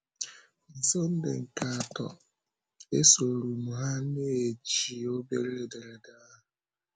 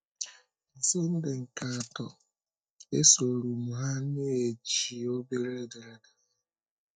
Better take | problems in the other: first | noise reduction (neural mask model DeepFilterNet 3)

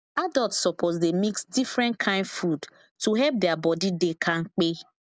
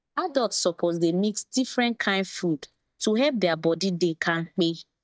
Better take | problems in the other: first | noise reduction (neural mask model DeepFilterNet 3)

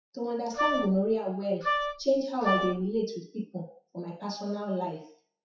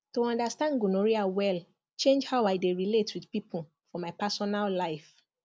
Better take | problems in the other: second | noise reduction (classical method WPE with log-MMSE)

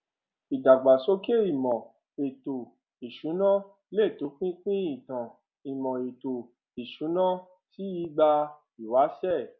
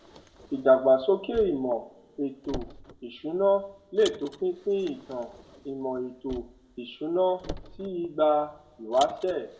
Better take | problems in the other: first | background sound (Car); 17 dB below the speech // room echo; dies away in 0.7 s

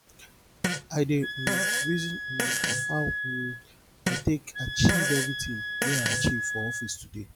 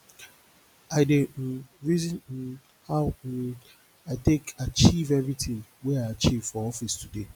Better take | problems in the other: second | background sound (Fart + Wind instrument, woodwind instrument); as loud as the speech

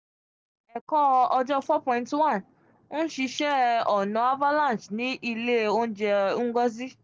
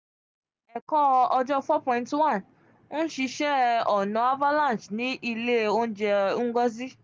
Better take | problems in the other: second | noise reduction (neural separator model SepFormer DNS4)

